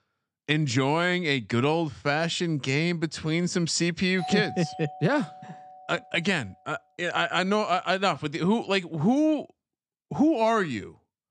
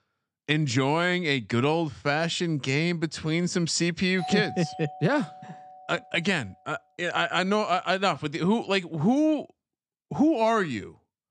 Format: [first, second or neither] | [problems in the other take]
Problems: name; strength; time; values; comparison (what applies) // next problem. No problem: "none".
neither | doorbell; noticeable; from 4 to 6 s; peak 9 dB below the speech; the same in both